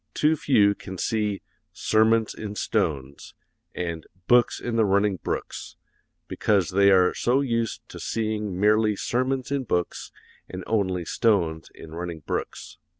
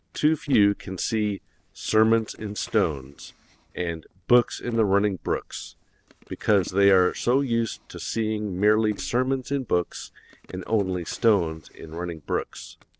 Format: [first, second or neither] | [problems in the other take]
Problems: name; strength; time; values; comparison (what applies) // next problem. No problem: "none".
first | noise reduction (neural separator model SepFormer DNS4)